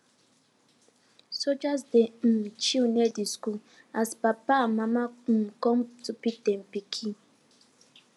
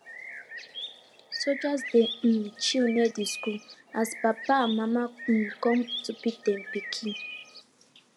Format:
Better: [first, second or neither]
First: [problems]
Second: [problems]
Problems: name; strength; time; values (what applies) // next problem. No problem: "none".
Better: first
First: none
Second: background sound (Bird); 12 dB below the speech